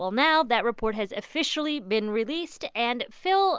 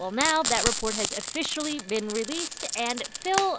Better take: first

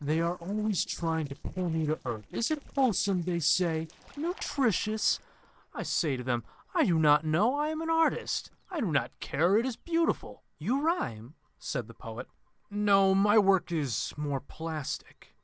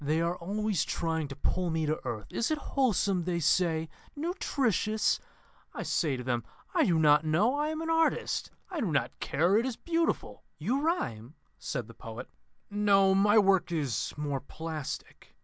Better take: second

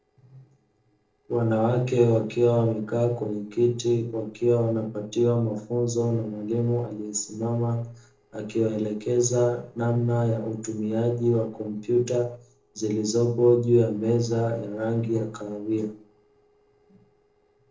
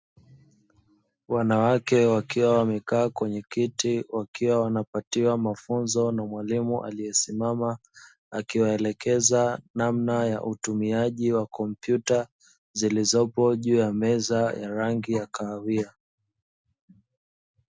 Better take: second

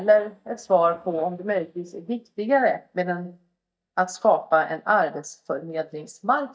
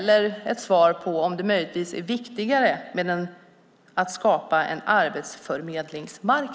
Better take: second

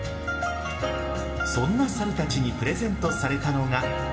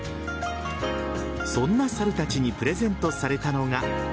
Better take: second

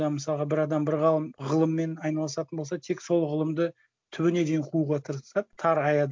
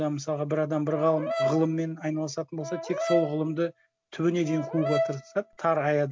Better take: first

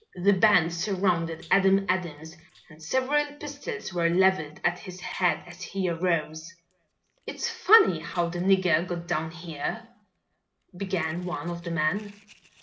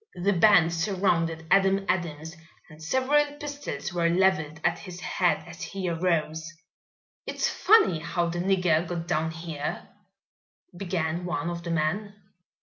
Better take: second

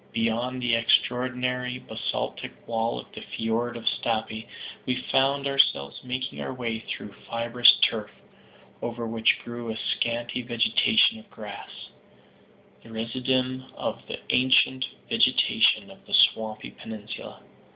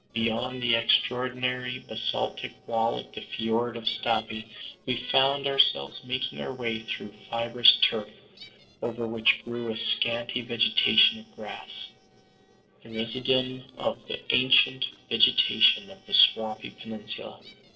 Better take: first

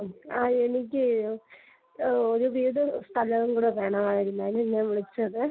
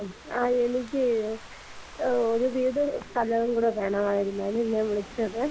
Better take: first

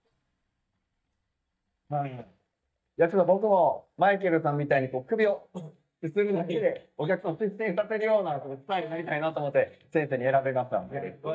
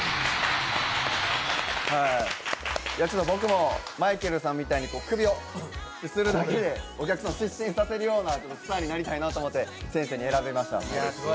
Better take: second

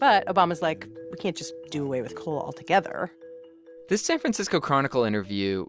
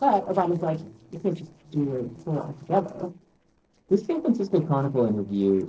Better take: first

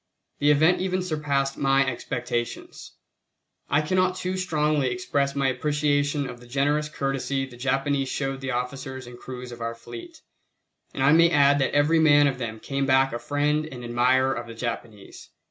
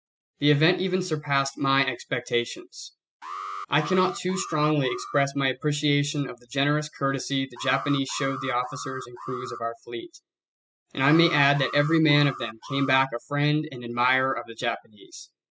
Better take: first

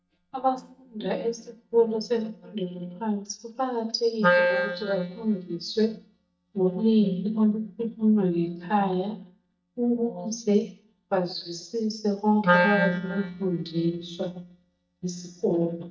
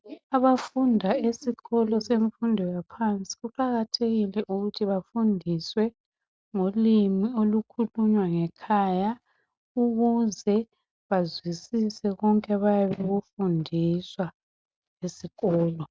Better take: second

